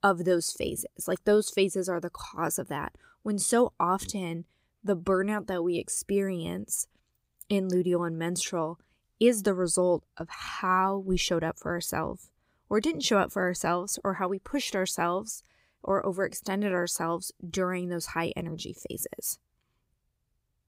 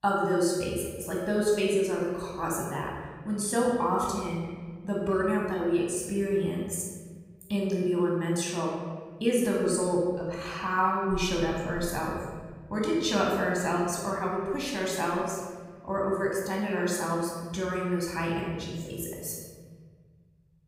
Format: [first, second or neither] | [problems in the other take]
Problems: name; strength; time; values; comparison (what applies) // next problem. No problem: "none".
first | off-mic speech; far // room echo; noticeable; dies away in 1.8 s